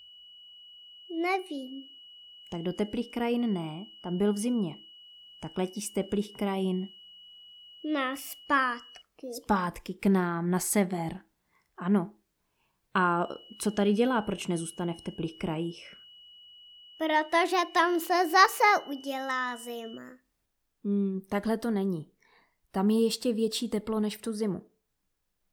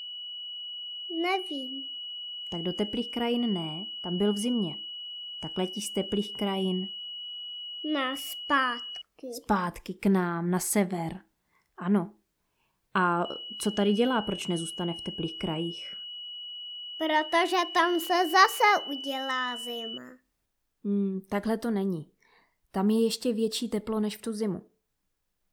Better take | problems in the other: first | high-pitched whine; loud; until 9 s and from 13 to 20 s; 3 kHz, 8 dB below the speech; faint in the first

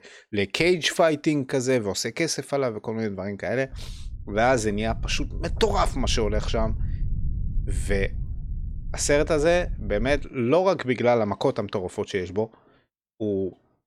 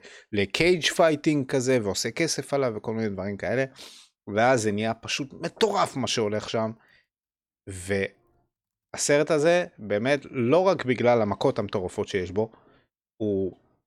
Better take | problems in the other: second | low rumble; faint; from 3.5 to 10 s; 25 dB below the speech

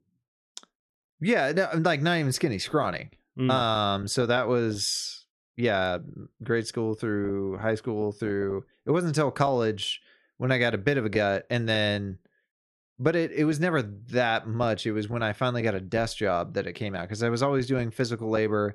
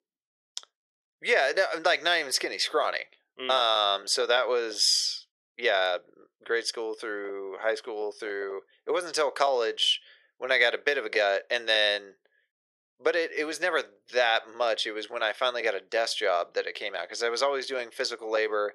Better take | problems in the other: first | thin; very; fading below 500 Hz

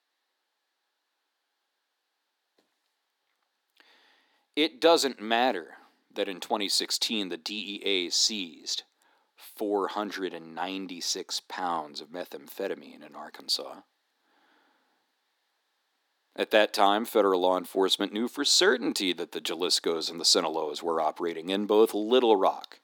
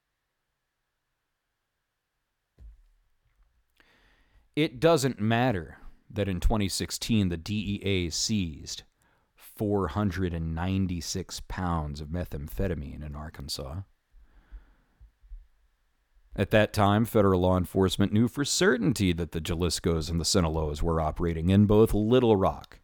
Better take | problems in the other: second | thin; somewhat; fading below 300 Hz

